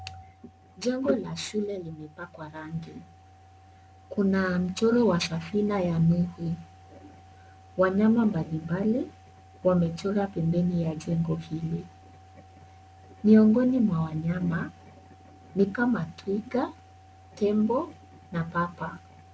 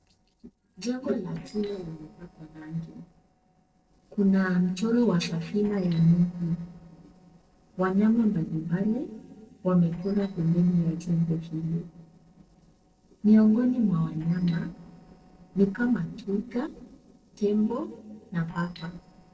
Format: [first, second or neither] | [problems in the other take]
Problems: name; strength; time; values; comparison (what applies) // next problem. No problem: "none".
first | noise reduction (neural separator model SepFormer DNS4)